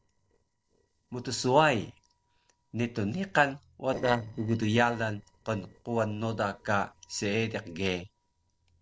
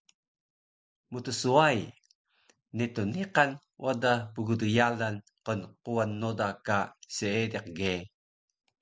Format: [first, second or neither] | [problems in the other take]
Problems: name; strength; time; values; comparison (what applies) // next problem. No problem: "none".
second | noise reduction (neural separator model SepFormer DNS4)